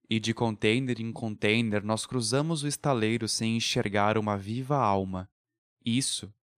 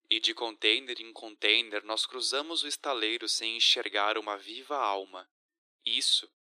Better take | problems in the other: first | thin; very; fading below 300 Hz

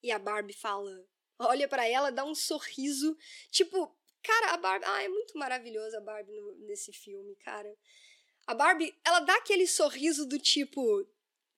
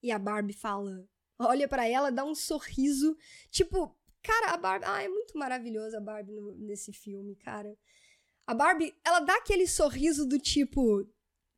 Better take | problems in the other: second | thin; very slightly; fading below 350 Hz

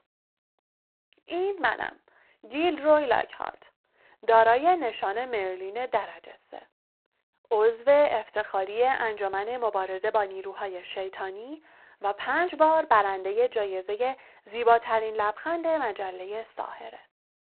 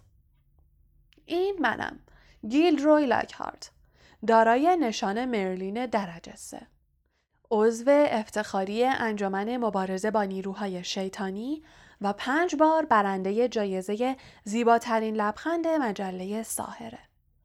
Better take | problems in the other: second | phone-call audio; poor line; nothing above 4 kHz

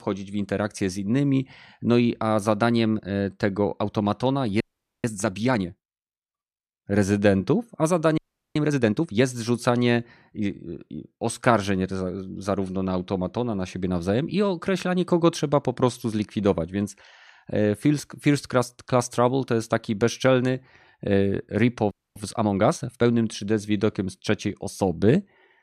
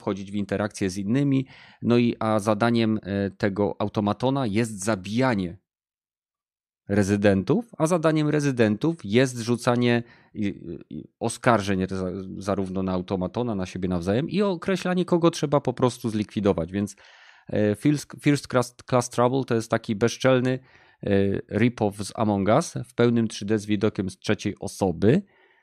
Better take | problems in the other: second | audio freezing; at 4.5 s, at 8 s and at 22 s

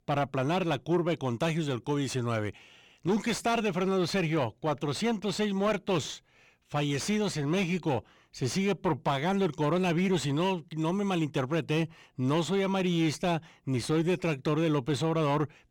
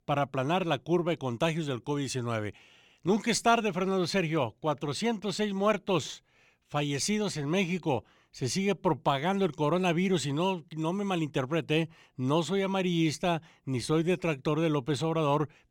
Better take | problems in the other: second | distortion; slight; 10 dB below the speech

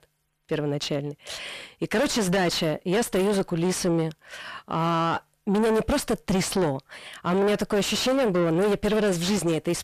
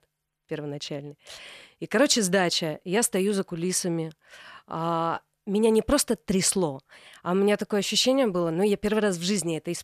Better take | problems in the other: second | distortion; heavy; 5 dB below the speech

